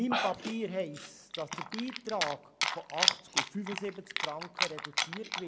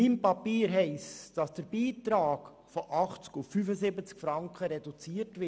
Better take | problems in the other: second | background sound (Chewing, mastication); 3 dB above the speech

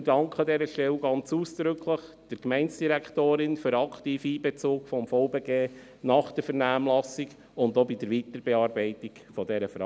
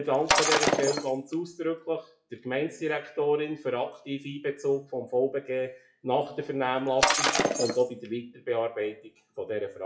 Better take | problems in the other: first | noise reduction (classical method WPE with log-MMSE)

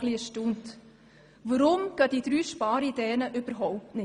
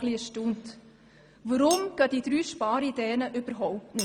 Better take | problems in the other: first | background sound (Chink, clink); 16 dB below the speech

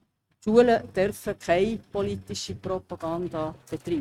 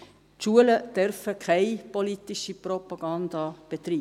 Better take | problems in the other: second | noise reduction (neural mask model RNNoise)

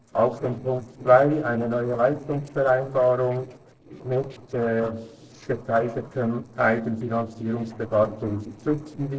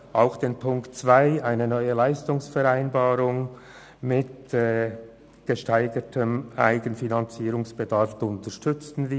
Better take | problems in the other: second | noise reduction (neural separator model SepFormer DNS4)

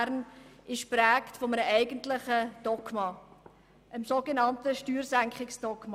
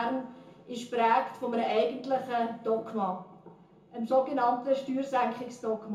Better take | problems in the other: first | room echo; dies away in 0.6 s

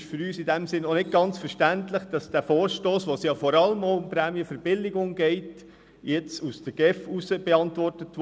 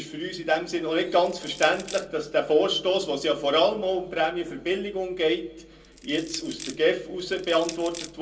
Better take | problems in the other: first | background sound (Crushing); 16 dB below the speech // room echo; dies away in 0.2 s

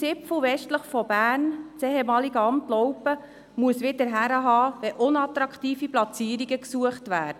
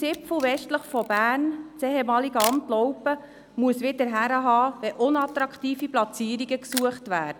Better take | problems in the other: first | background sound (Camera); 17 dB below the speech

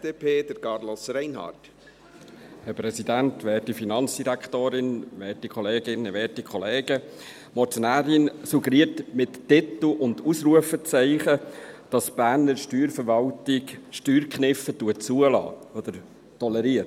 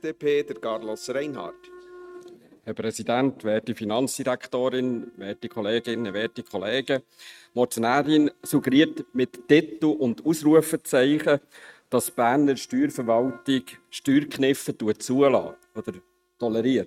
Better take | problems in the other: first | noise reduction (neural mask model RNNoise)

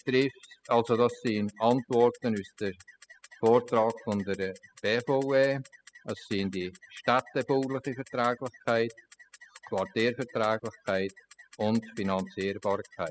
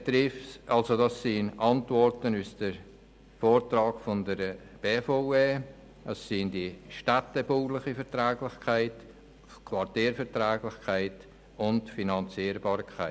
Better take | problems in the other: second | noise reduction (classical method spectral subtraction)

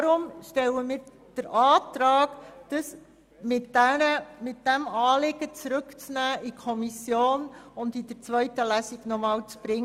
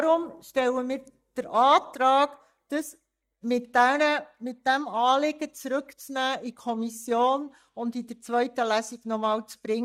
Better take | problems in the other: first | noise reduction (neural mask model DeepFilterNet 3)

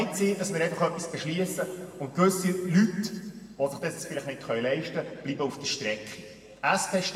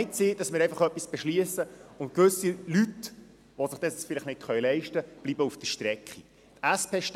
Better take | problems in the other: second | room echo; dies away in 1.8 s

